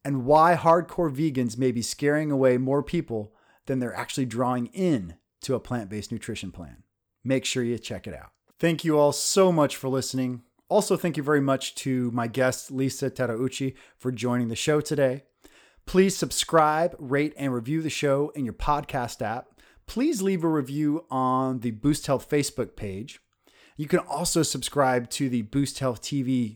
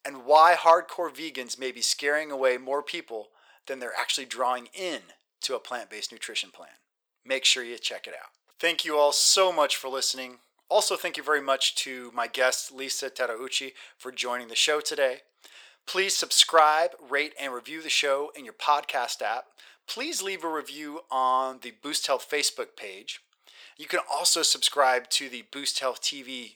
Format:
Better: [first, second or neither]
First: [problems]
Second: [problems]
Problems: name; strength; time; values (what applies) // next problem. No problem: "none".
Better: first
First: none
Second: thin; very; fading below 550 Hz